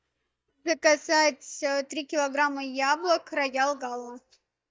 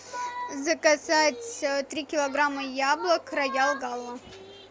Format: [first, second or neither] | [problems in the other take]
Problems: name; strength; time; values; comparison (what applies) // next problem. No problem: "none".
second | noise reduction (neural mask model DeepFilterNet 3)